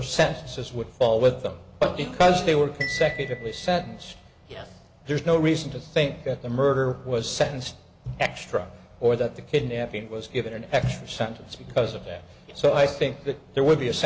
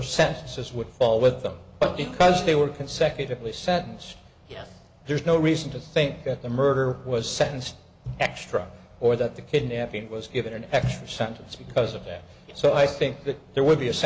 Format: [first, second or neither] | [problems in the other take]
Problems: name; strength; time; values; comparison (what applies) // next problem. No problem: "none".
second | background sound (Glockenspiel); 14 dB below the speech